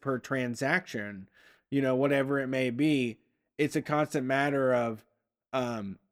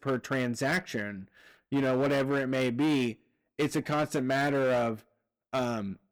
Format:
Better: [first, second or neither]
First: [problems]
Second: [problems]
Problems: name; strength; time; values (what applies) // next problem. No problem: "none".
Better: first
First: none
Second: distortion; slight; 10% of the sound clipped